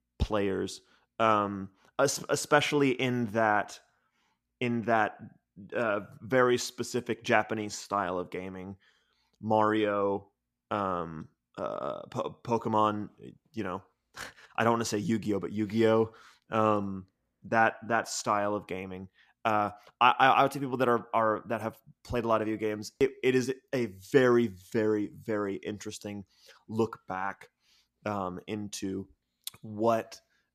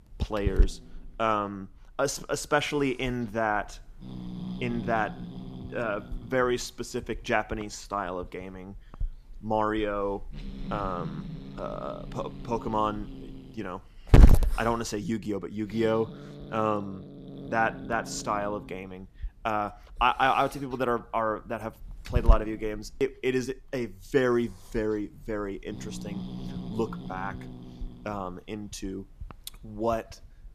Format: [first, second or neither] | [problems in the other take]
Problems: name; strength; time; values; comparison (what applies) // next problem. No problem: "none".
first | hiss; loud; throughout; 2 dB below the speech